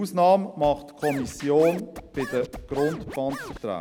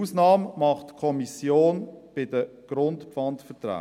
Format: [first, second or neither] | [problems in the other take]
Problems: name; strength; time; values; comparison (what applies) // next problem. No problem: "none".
second | background sound (Scratching (performance technique)); 13 dB below the speech